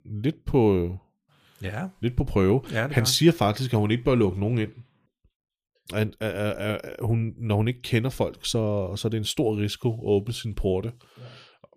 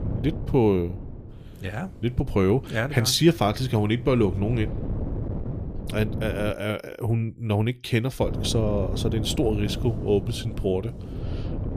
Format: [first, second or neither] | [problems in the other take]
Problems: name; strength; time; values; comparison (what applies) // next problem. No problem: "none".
first | wind noise on the microphone; occasional gusts; until 6.5 s and from 8 s on; 15 dB below the speech